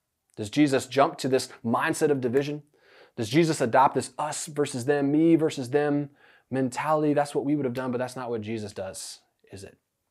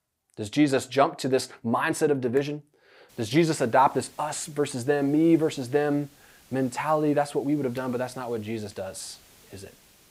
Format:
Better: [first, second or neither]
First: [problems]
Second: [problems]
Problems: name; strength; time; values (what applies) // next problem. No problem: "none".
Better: first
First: none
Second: hiss; faint; from 3 s on; 30 dB below the speech